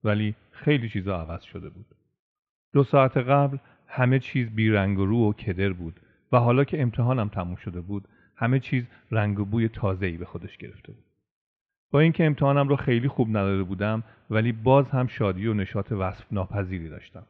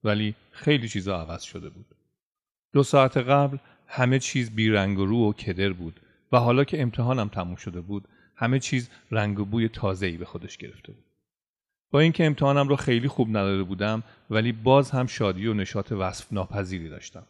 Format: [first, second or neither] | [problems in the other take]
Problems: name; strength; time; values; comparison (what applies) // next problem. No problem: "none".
second | muffled; very; fading above 3 kHz